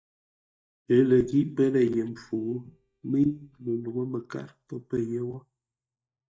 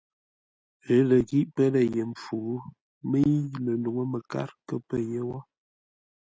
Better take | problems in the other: second | noise reduction (neural mask model DeepFilterNet 3)

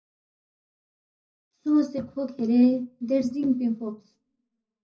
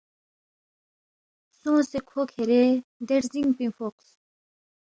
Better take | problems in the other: second | room echo; dies away in 0.4 s

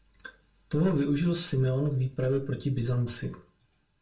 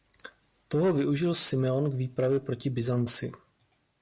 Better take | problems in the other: second | room echo; dies away in 0.3 s

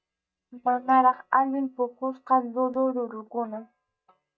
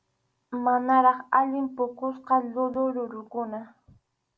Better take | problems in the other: second | noise reduction (neural mask model DeepFilterNet 3)

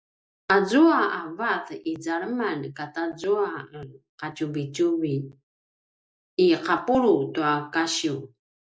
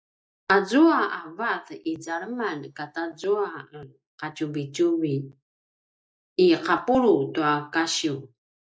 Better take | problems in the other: first | noise reduction (neural mask model DeepFilterNet 3)

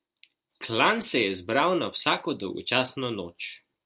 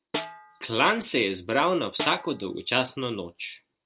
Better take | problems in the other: first | background sound (Snare drum); 12 dB below the speech

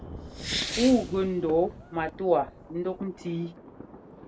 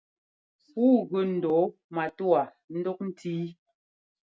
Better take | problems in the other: second | background sound (Fireworks); 10 dB below the speech

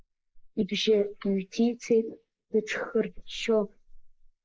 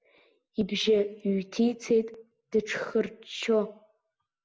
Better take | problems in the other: second | noise reduction (neural mask model Resemble Enhance denoiser)

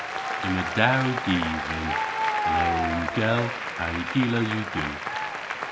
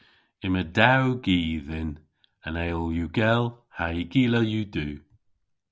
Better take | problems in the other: second | background sound (Applause); 1 dB below the speech

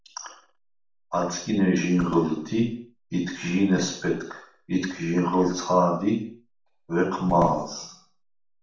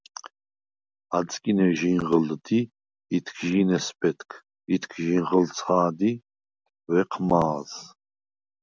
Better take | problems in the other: second | room echo; dies away in 0.5 s

